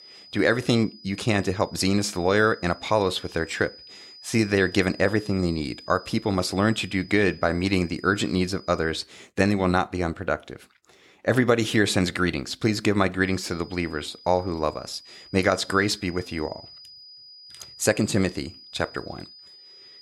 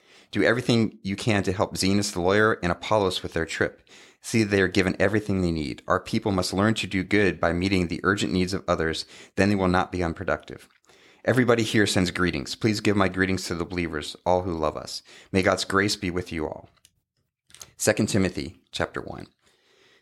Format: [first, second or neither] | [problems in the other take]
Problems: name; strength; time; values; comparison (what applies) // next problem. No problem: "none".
second | high-pitched whine; faint; until 9 s and from 13 s on; 5 kHz, 20 dB below the speech